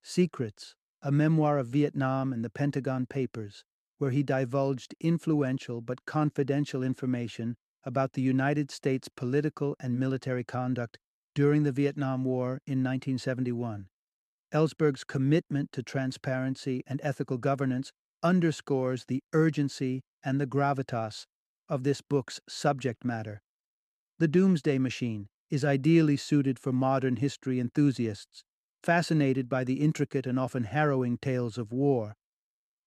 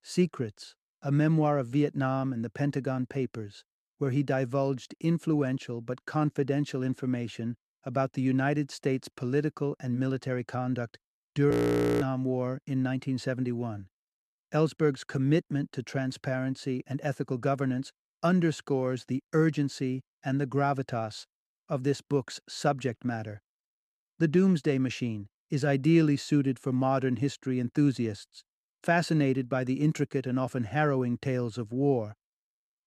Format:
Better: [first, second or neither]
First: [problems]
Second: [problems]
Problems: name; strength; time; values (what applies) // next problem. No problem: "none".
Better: first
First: none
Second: audio freezing; at 12 s for 0.5 s